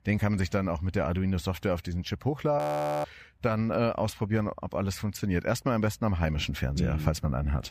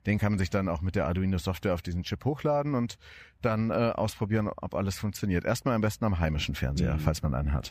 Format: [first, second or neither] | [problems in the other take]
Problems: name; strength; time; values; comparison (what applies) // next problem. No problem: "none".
second | audio freezing; at 2.5 s